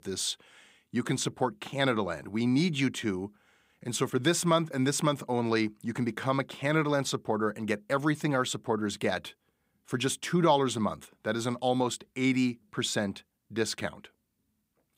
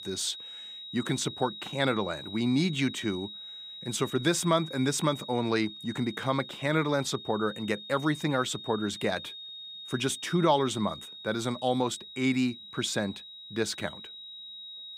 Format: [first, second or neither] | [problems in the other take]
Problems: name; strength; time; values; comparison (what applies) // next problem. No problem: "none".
first | high-pitched whine; noticeable; throughout; 4 kHz, 10 dB below the speech